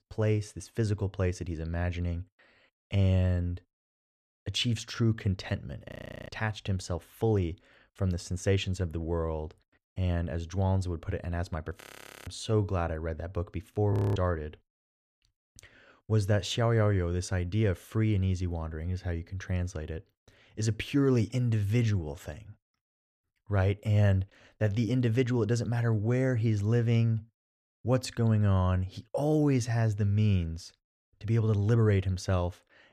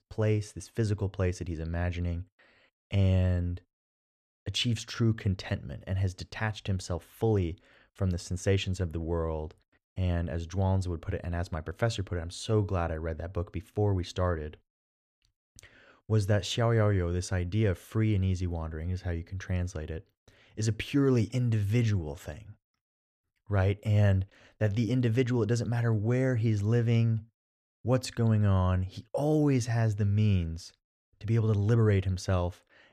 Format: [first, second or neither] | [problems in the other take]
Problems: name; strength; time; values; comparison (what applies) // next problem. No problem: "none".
second | audio freezing; at 6 s, at 12 s and at 14 s